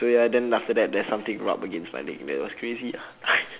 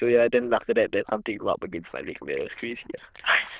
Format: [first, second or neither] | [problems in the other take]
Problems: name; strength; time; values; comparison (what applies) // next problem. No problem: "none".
first | noise reduction (neural diffusion model UNIVERSE++)